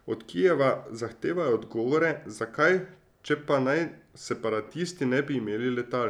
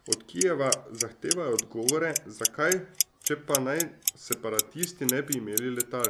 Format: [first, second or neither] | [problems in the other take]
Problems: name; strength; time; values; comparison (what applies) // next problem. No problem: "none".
first | background sound (Clock); 2 dB below the speech